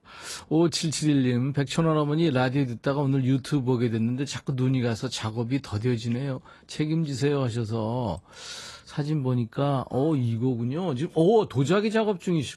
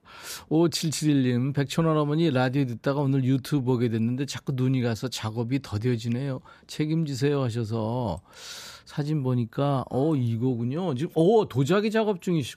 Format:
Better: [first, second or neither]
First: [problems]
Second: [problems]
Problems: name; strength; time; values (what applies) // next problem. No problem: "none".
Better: second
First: garbled, watery; slightly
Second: none